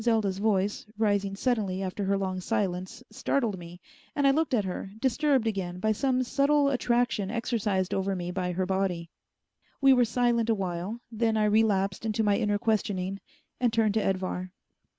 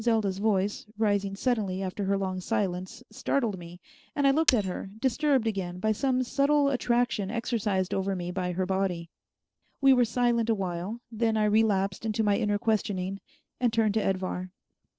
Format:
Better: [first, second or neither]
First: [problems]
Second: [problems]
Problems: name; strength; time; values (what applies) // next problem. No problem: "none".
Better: first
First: none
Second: noise reduction (neural separator model SepFormer DNS4)